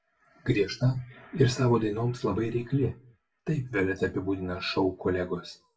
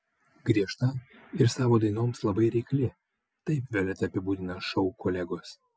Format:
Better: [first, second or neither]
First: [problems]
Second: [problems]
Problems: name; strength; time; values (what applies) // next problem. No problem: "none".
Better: second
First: room echo; dies away in 0.2 s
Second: none